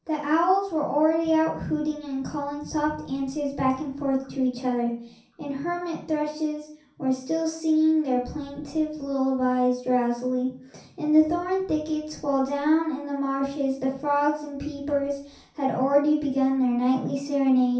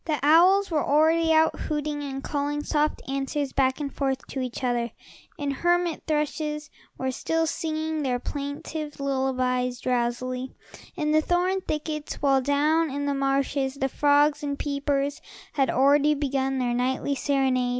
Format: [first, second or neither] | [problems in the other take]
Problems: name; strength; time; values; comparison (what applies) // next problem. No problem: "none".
second | room echo; dies away in 0.6 s